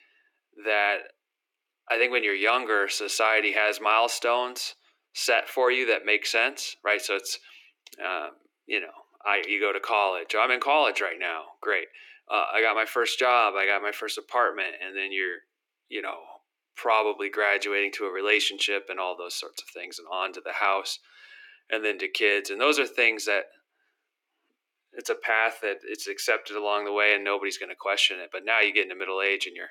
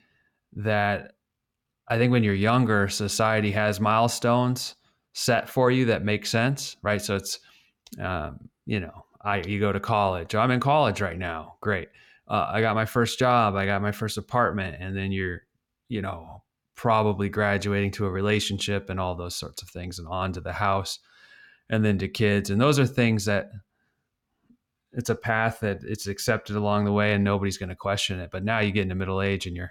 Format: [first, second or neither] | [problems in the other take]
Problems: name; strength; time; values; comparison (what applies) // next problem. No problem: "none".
second | thin; very; fading below 300 Hz